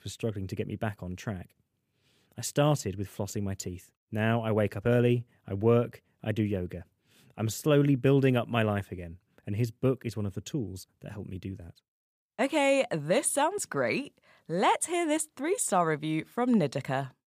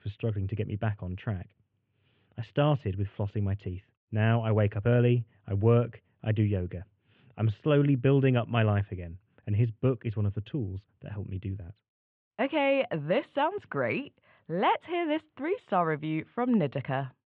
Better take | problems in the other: first | muffled; very; fading above 3 kHz

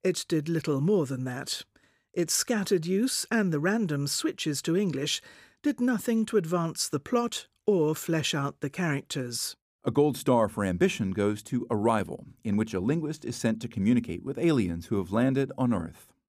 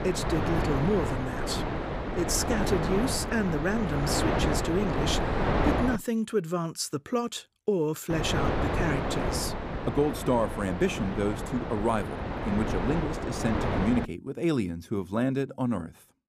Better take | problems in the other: first | wind noise on the microphone; heavy; until 6 s and from 8 to 14 s; as loud as the speech

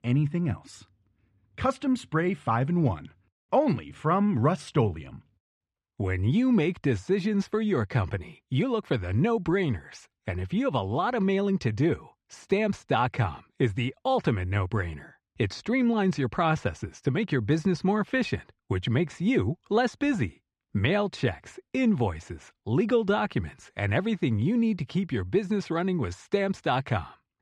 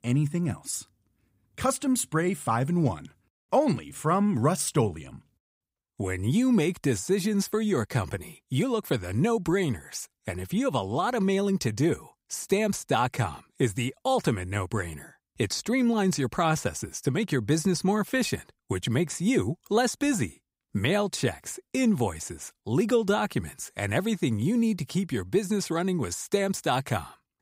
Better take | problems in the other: second | muffled; slightly; fading above 3 kHz

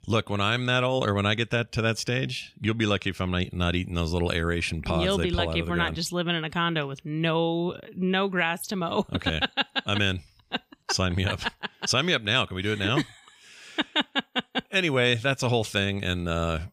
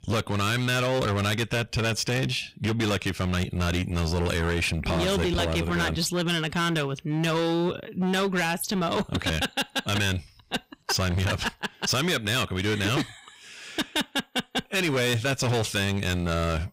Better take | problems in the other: first | distortion; heavy; 21% of the sound clipped

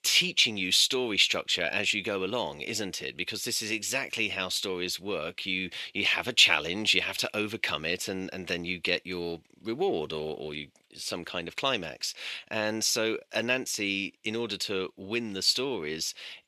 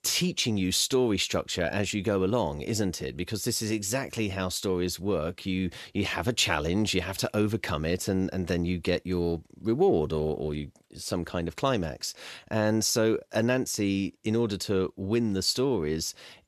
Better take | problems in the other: second | thin; very slightly; fading below 750 Hz

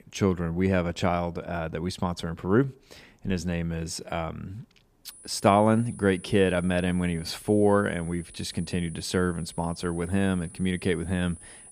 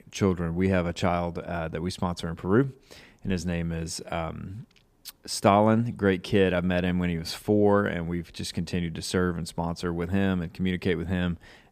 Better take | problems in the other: second | high-pitched whine; noticeable; from 5 s on; 10 kHz, 20 dB below the speech

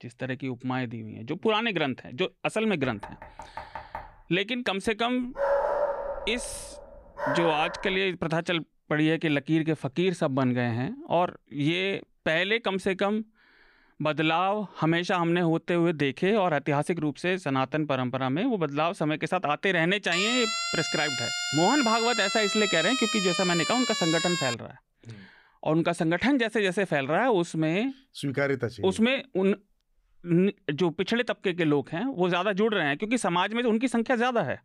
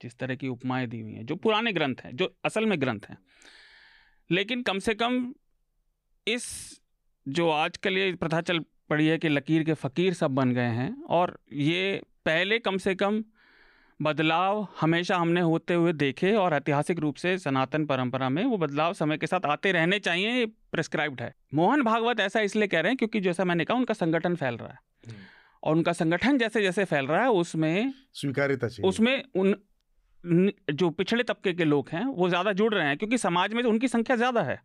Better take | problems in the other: second | door banging; faint; from 3 to 4 s; peak 15 dB below the speech // dog barking; loud; from 5.5 to 8 s; peak 1 dB above the speech // siren; noticeable; from 20 to 25 s; peak level with the speech

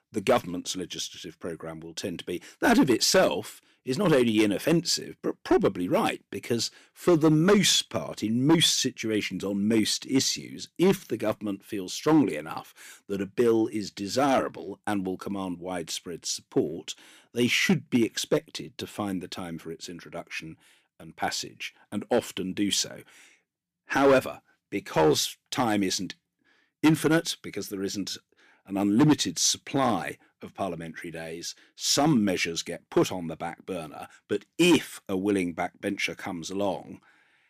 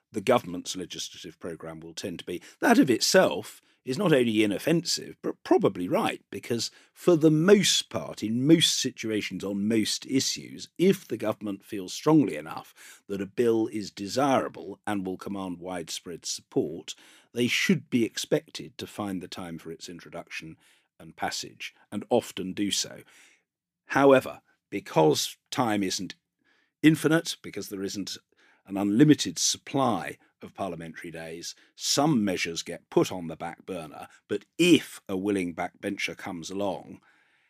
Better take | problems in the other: second | distortion; slight; 2% of the sound clipped

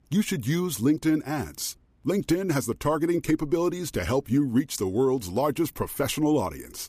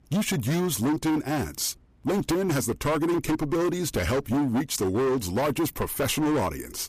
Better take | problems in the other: first | distortion; heavy; 23% of the sound clipped

